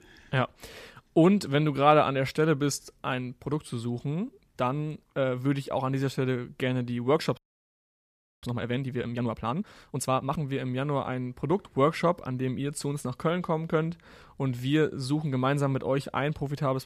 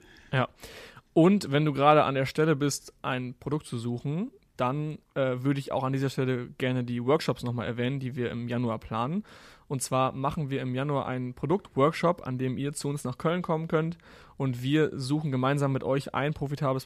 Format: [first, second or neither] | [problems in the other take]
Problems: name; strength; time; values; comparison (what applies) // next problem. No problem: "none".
second | audio freezing; at 7.5 s for 1 s